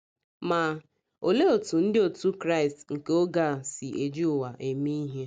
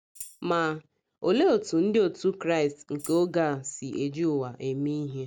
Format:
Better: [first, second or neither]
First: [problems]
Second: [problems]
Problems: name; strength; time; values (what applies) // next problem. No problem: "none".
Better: first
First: none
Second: background sound (Tambourine); 19 dB below the speech